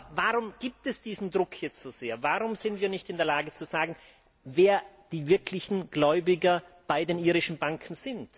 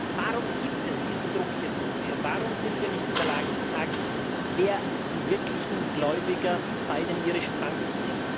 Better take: first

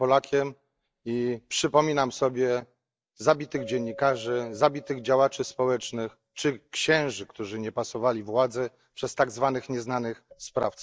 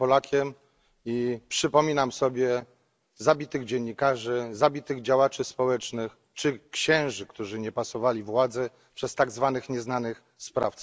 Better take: second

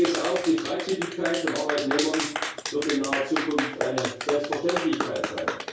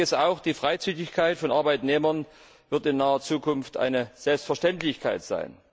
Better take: second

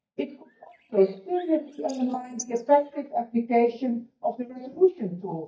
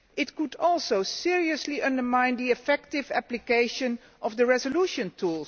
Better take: second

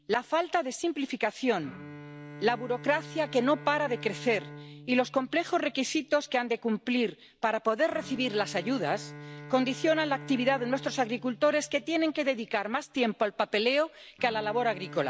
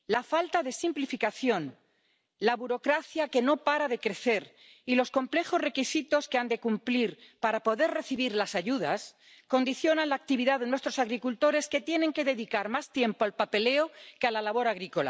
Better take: second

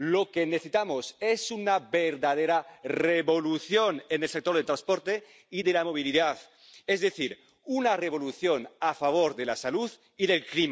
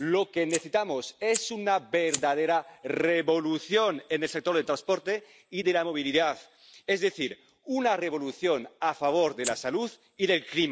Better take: first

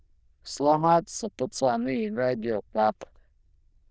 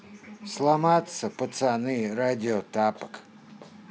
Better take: second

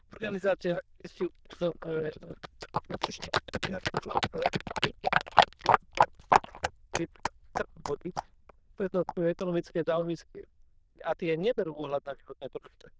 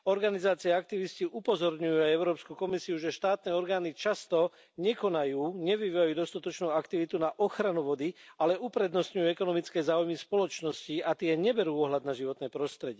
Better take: second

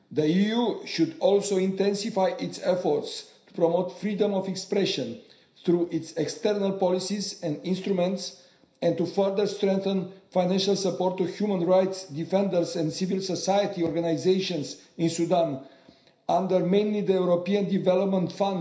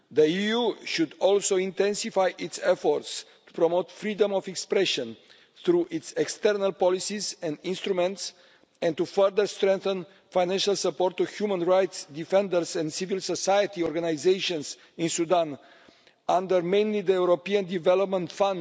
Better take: second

